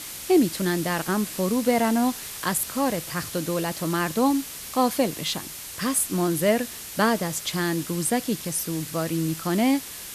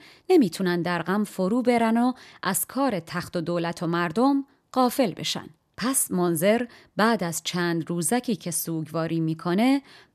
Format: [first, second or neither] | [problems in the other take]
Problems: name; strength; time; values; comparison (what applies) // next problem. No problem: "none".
second | hiss; loud; throughout; 9 dB below the speech